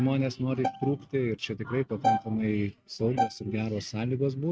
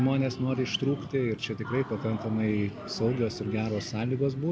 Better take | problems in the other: second | noise reduction (neural mask model RNNoise)

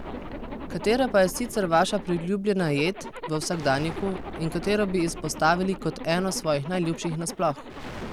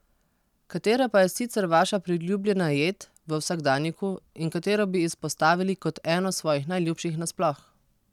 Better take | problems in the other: second | background sound (Zipper (clothing) + Explosion); 11 dB below the speech

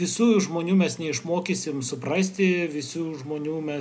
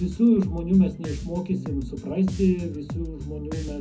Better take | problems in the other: first | background sound (Bass guitar); 9 dB below the speech // room echo; dies away in 0.4 s

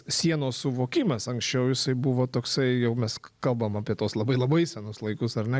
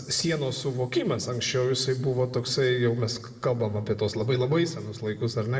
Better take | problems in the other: first | room echo; dies away in 1 s

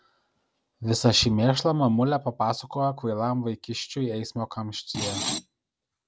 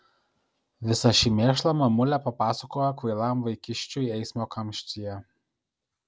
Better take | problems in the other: second | background sound (Screech); 5 dB below the speech

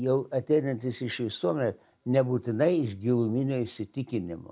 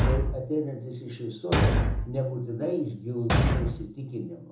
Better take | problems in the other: first | background sound (Thump, thud); 4 dB above the speech // room echo; dies away in 1 s

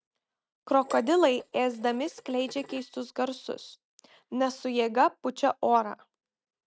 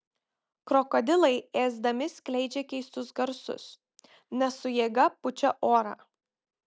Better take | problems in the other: second | noise reduction (neural mask model RNNoise)

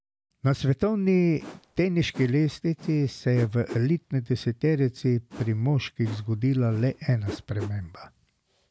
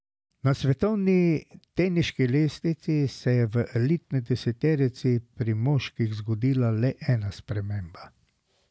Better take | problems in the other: second | background sound (Whoosh, swoosh, swish); 18 dB below the speech

